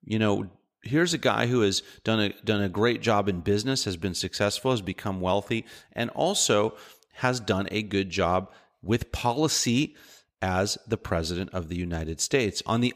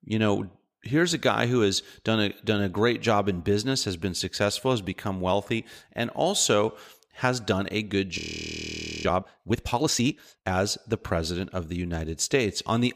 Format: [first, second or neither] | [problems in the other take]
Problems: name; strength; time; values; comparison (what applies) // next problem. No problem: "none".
first | audio freezing; at 8 s for 1 s